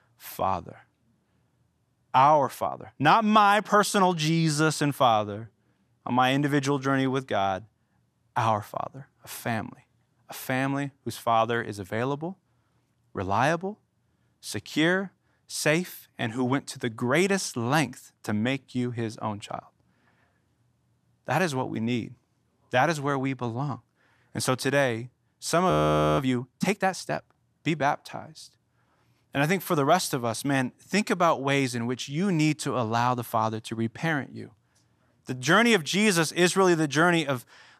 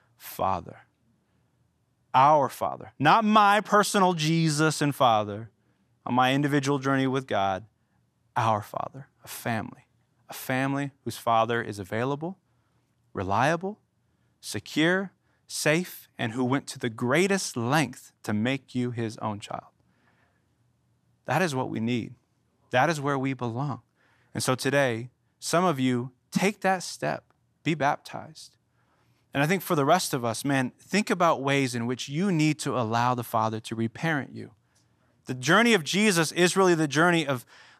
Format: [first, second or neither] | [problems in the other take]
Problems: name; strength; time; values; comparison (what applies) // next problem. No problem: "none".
second | audio freezing; at 26 s